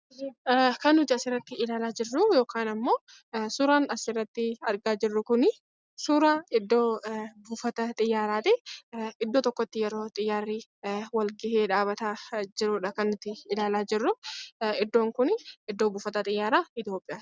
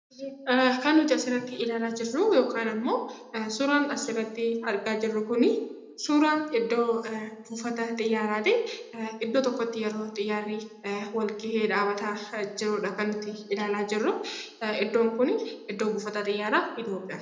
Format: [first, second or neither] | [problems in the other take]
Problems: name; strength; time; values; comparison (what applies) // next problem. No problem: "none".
first | room echo; dies away in 0.8 s